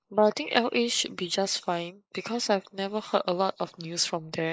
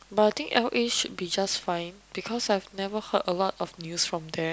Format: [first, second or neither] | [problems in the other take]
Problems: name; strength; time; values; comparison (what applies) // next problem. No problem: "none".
second | noise reduction (neural mask model Resemble Enhance denoiser)